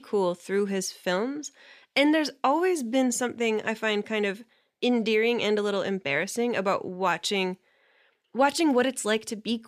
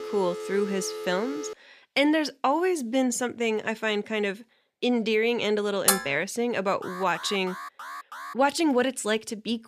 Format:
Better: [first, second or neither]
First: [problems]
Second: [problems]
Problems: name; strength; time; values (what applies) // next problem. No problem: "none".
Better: first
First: none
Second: phone ringing; noticeable; until 1.5 s; peak 9 dB below the speech // clattering dishes; loud; at 6 s; peak 3 dB above the speech // alarm; faint; from 7 to 8.5 s; peak 10 dB below the speech